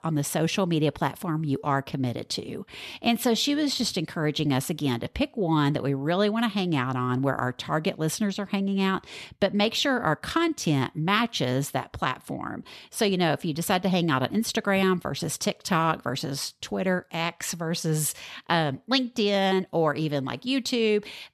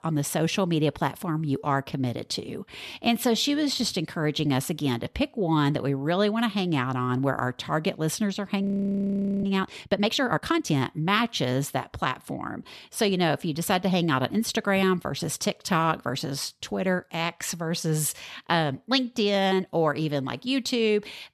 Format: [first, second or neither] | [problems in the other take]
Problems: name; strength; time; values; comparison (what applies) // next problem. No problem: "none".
first | audio freezing; at 8.5 s for 1 s